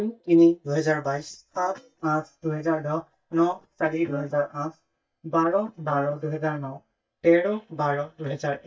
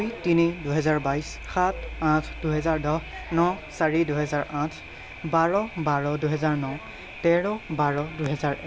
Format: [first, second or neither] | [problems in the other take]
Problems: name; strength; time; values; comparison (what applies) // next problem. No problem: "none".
second | noise reduction (neural mask model DeepFilterNet 3)